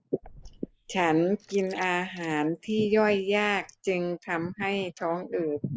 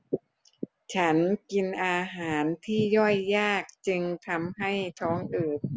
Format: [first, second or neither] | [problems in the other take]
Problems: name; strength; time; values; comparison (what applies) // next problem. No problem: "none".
second | noise reduction (neural mask model Resemble Enhance denoiser)